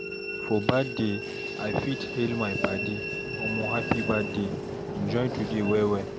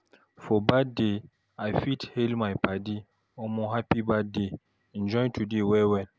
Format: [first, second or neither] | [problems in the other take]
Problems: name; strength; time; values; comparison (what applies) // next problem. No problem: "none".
second | background sound (Train + Telephone); 4 dB below the speech